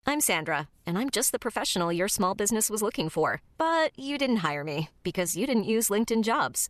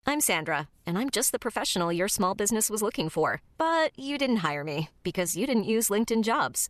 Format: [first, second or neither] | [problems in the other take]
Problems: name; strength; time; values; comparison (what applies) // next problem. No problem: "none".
neither | none